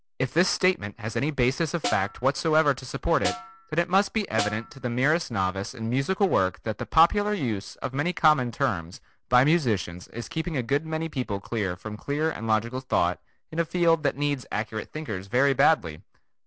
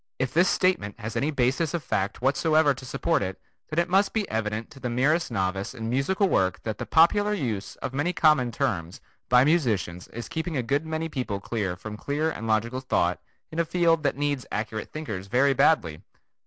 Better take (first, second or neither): second